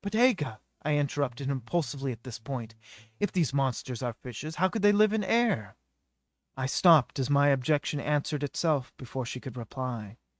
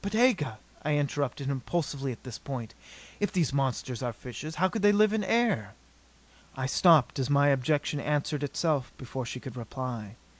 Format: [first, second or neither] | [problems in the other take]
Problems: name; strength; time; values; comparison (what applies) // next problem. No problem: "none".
second | noise reduction (neural mask model RNNoise)